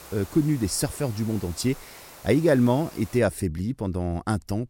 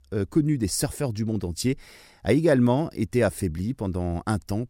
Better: second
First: hiss; noticeable; until 3 s; 20 dB below the speech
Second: none

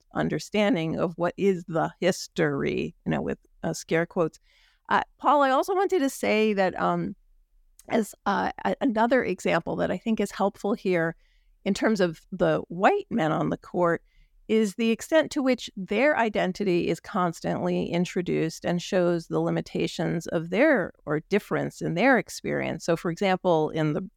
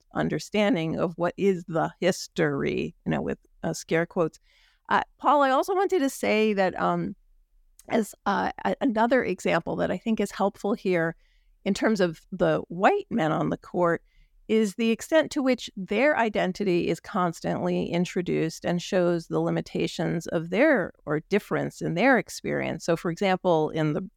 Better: neither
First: none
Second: none

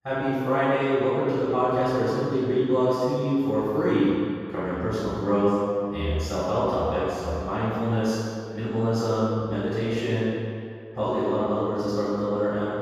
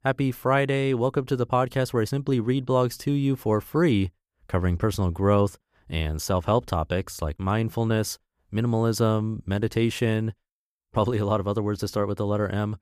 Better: second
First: room echo; strong; dies away in 2.2 s // off-mic speech; far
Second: none

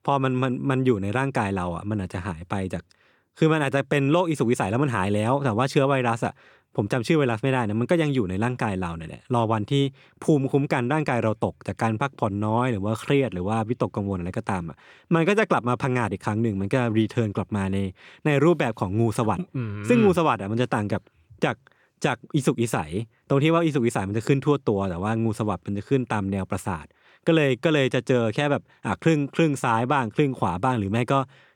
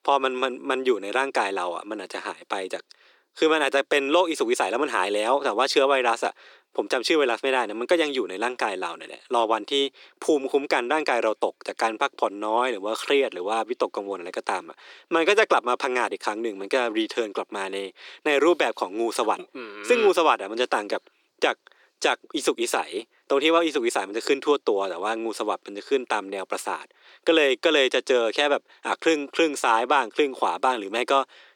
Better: first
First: none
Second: thin; very; fading below 350 Hz

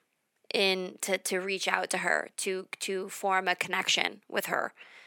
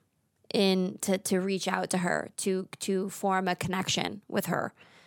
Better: second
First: thin; somewhat; fading below 350 Hz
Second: none

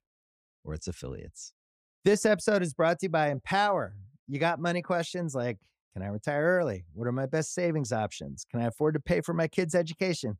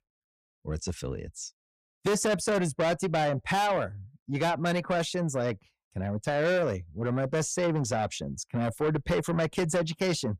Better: first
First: none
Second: distortion; heavy; 8 dB below the speech

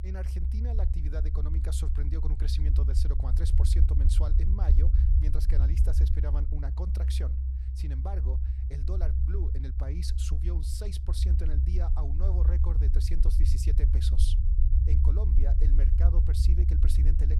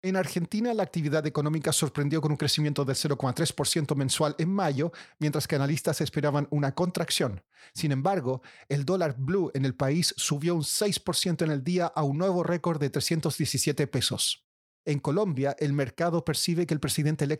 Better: second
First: low rumble; loud; throughout; 1 dB below the speech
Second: none

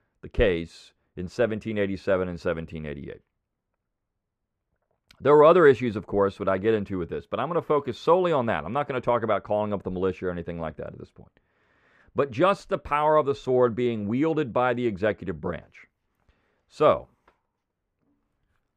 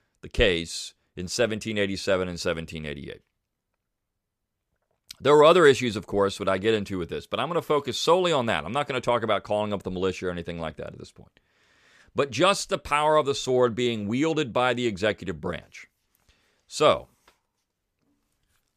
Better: second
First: muffled; very; fading above 3 kHz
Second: none

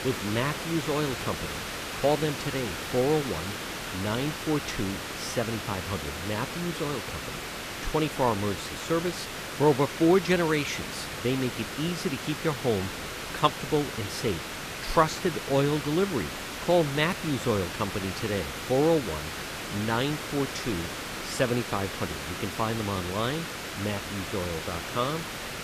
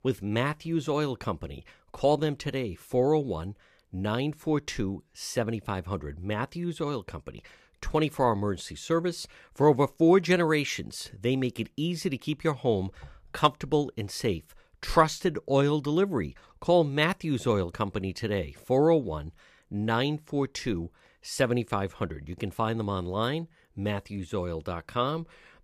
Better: second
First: hiss; loud; throughout; 5 dB below the speech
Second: none

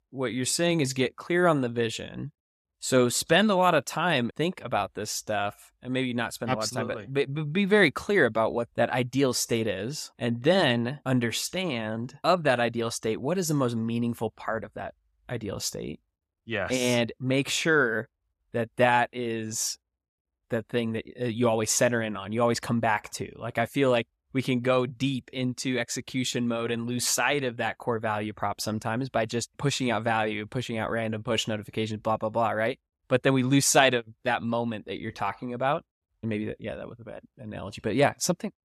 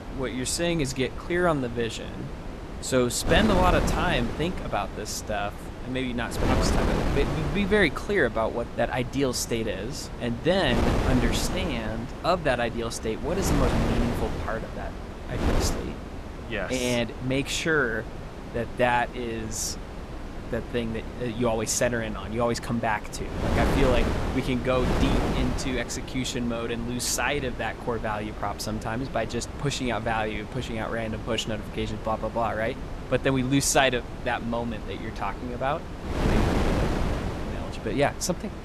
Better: first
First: none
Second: wind noise on the microphone; heavy; 7 dB below the speech

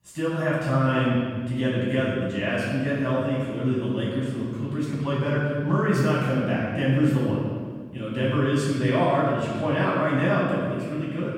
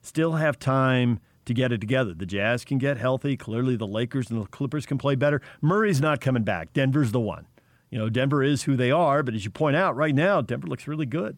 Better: second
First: room echo; strong; dies away in 1.5 s // off-mic speech; far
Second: none

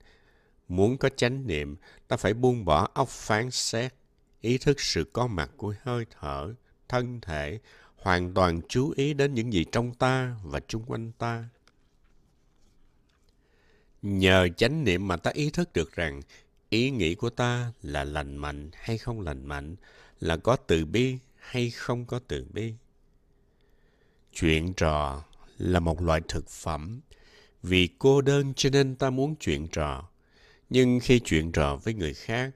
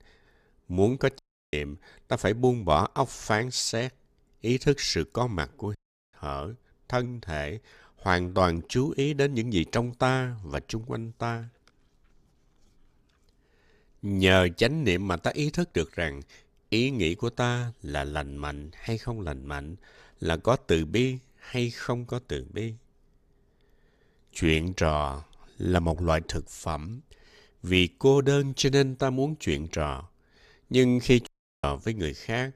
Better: first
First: none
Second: audio cutting out; at 1 s, at 6 s and at 31 s

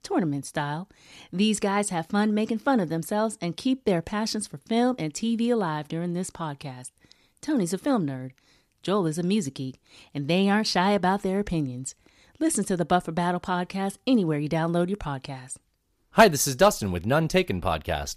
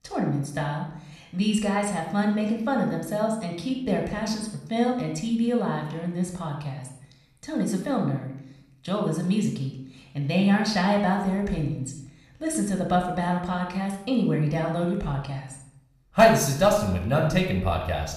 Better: first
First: none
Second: room echo; noticeable; dies away in 0.6 s

